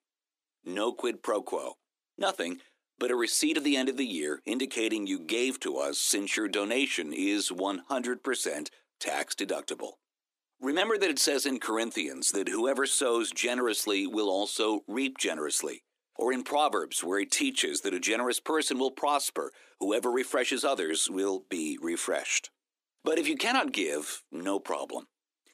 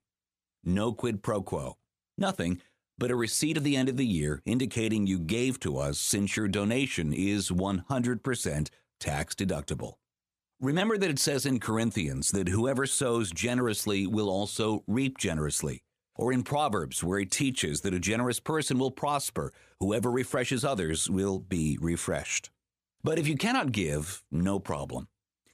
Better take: second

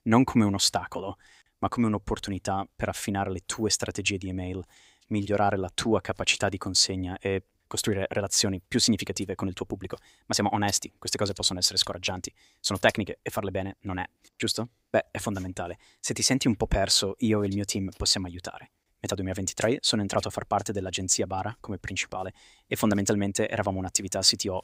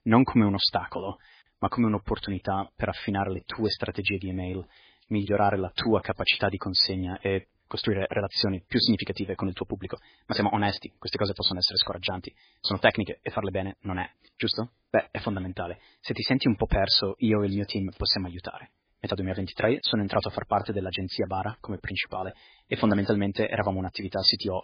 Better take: first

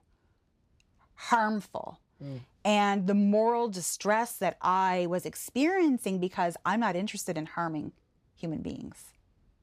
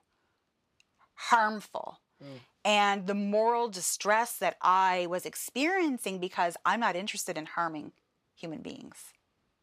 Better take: first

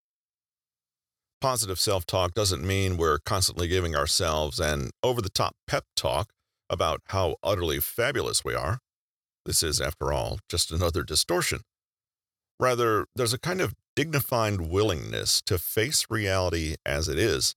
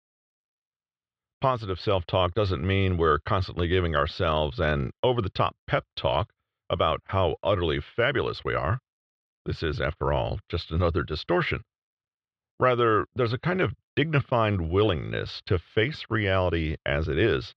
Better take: first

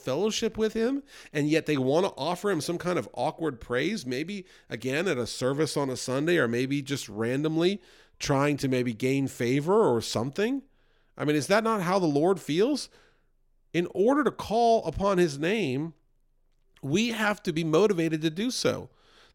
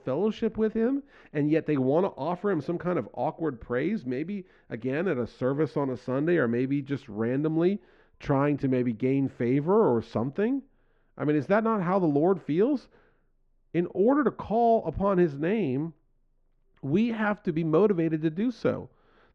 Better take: first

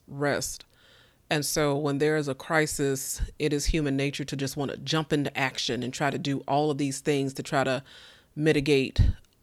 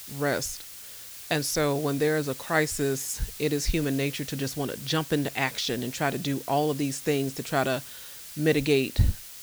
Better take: first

